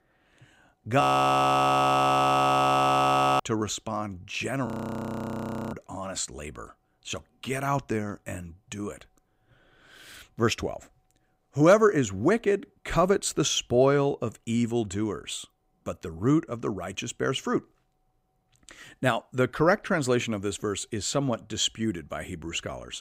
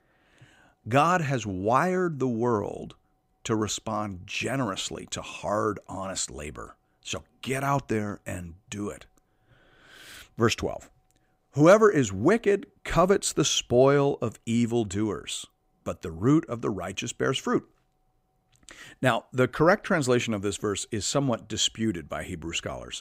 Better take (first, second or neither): second